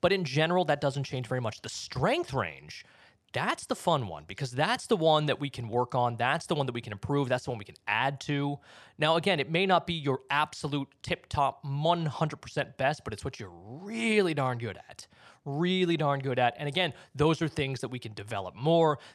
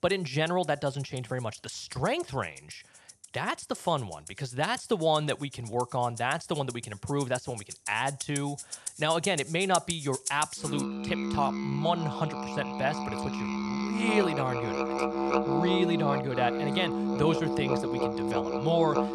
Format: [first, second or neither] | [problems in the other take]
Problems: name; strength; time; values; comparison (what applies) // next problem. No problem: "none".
first | background music; loud; throughout; 1 dB below the speech